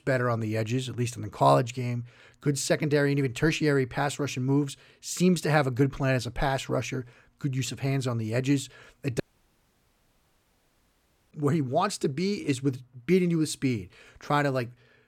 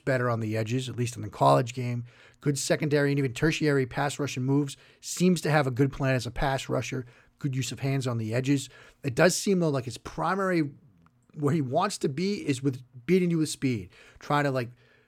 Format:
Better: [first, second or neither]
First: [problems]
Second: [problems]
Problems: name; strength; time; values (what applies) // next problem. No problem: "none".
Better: second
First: audio cutting out; at 9 s for 2 s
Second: none